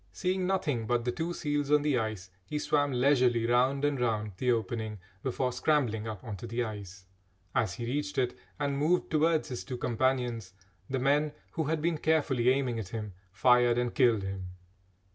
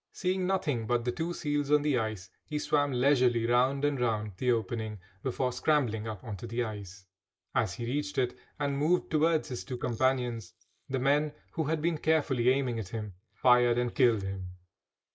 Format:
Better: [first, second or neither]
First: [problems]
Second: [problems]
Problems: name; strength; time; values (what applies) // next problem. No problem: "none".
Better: first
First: none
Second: noise reduction (neural mask model Resemble Enhance denoiser)